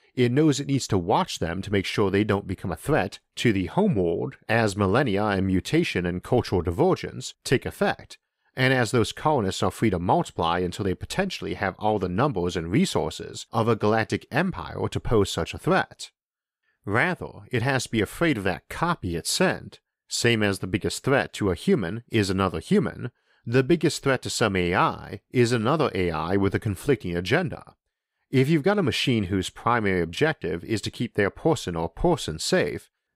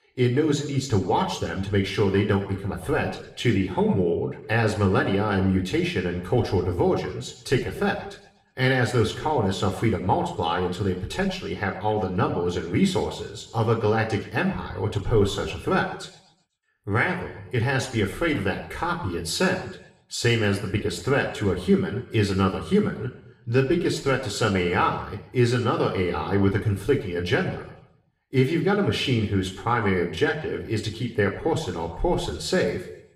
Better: first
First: none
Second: room echo; slight; dies away in 0.8 s

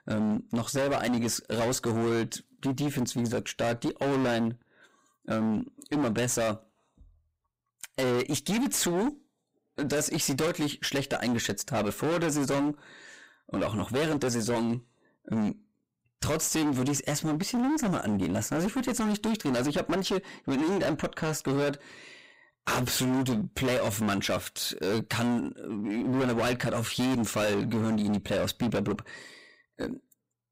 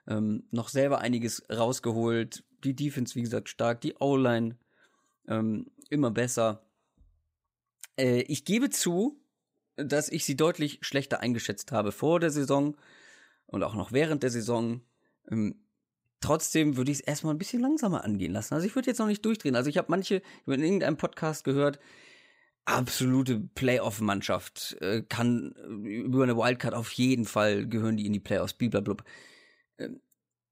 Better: second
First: distortion; heavy; 23% of the sound clipped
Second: none

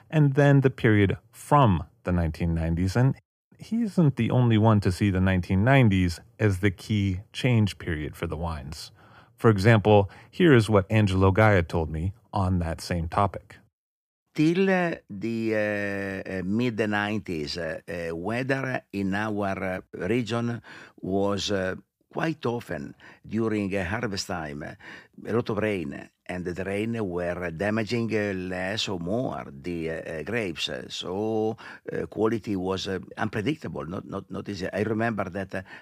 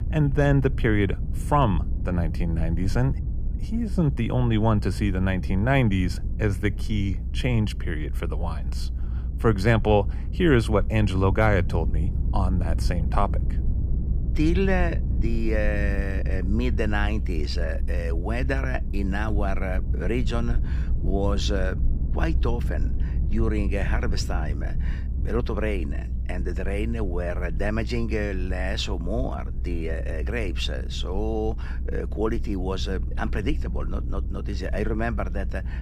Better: first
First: none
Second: low rumble; noticeable; throughout; 15 dB below the speech

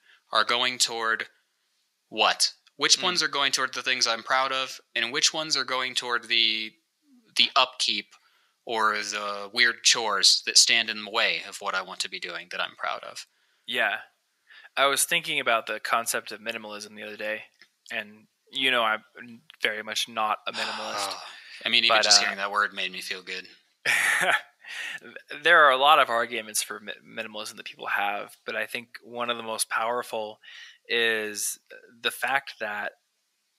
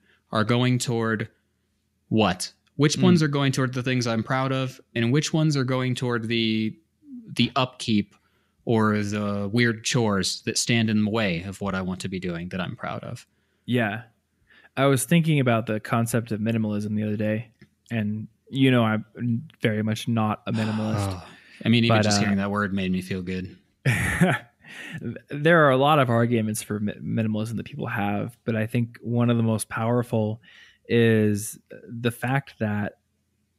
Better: second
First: thin; very; fading below 900 Hz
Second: none

